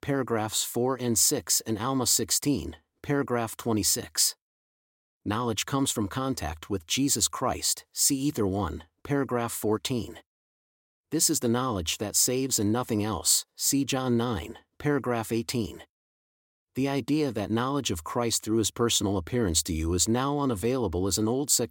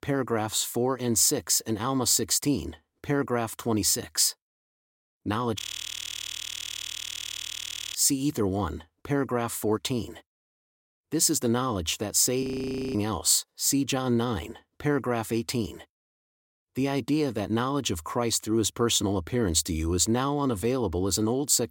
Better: first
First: none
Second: audio freezing; at 5.5 s for 2.5 s and at 12 s for 0.5 s

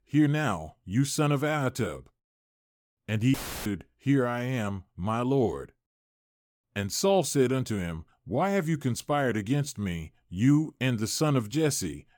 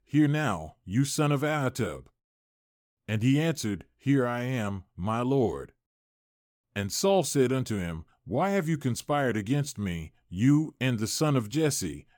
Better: second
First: audio cutting out; filled with static; at 3.5 s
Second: none

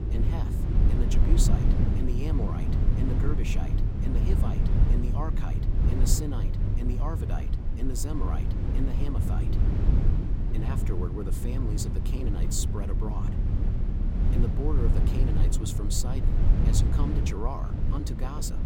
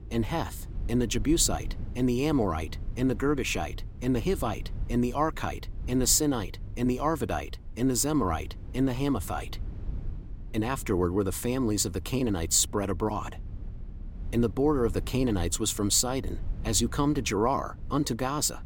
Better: second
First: low rumble; loud; throughout; 1 dB below the speech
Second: low rumble; faint; throughout; 25 dB below the speech

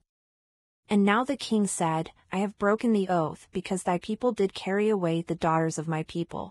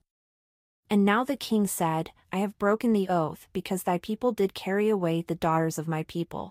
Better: second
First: garbled, watery; badly; nothing above 10 kHz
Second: garbled, watery; slightly; nothing above 15 kHz

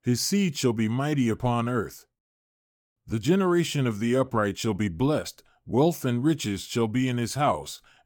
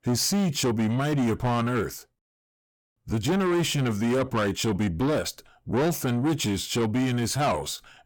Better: first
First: none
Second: distortion; heavy; 8 dB below the speech

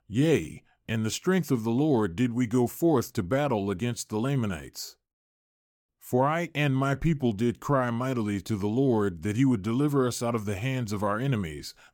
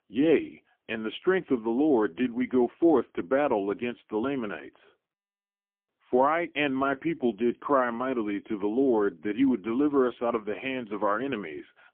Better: first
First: none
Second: phone-call audio; poor line; nothing above 3.5 kHz

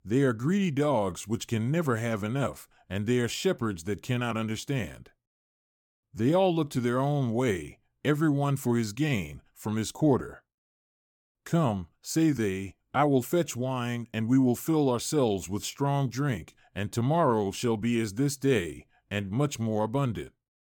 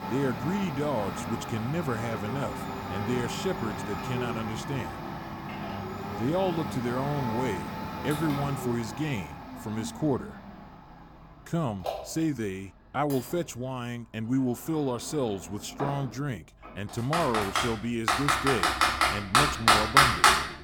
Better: first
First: none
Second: household noises; very loud; throughout; 3 dB above the speech

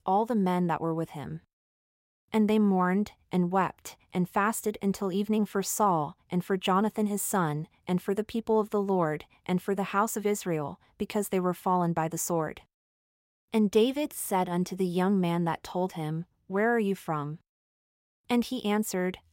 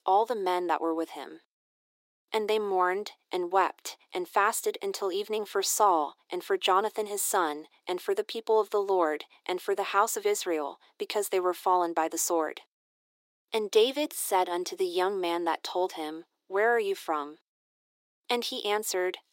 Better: first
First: none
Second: thin; very; fading below 300 Hz

